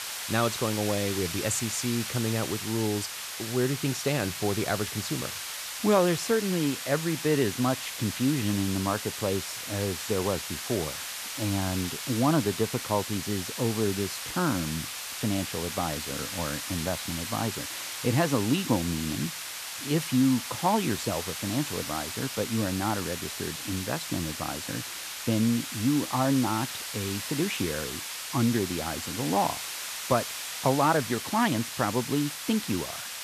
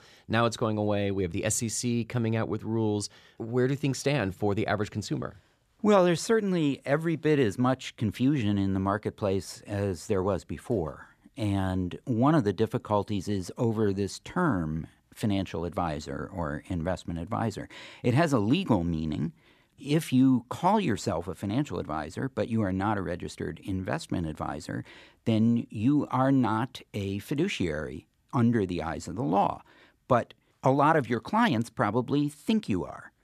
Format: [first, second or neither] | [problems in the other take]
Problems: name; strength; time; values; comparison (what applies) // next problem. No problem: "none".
second | hiss; loud; throughout; 5 dB below the speech